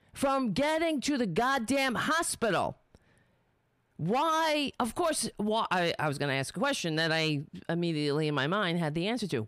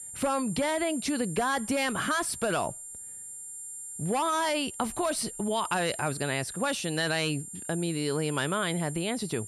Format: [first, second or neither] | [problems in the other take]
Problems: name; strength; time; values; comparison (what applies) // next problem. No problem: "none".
first | high-pitched whine; loud; throughout; 9 kHz, 9 dB below the speech